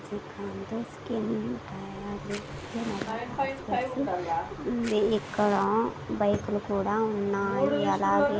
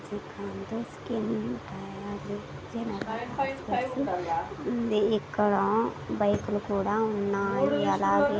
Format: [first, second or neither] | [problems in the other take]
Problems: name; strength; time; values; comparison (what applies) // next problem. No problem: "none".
second | background sound (Fire); 18 dB below the speech